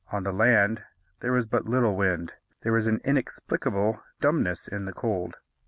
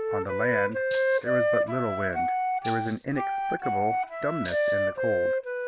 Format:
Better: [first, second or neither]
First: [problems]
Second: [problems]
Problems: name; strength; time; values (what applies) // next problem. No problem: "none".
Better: first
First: none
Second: background sound (Wind instrument, woodwind instrument + Rattle (instrument)); 5 dB above the speech